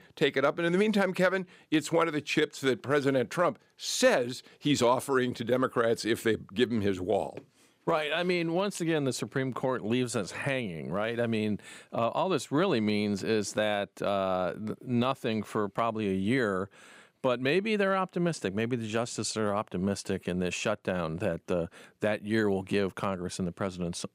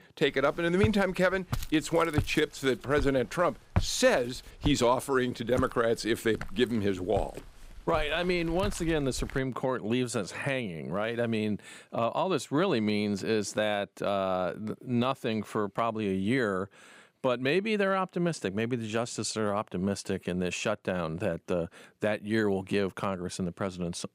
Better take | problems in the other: first | footsteps; noticeable; from 1 to 9.5 s; peak 3 dB below the speech

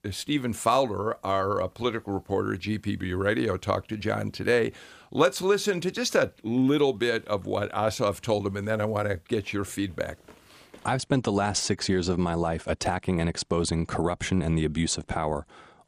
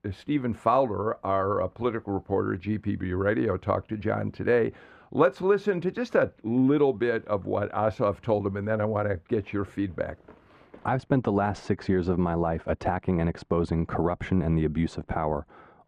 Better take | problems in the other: first | muffled; very; fading above 3.5 kHz

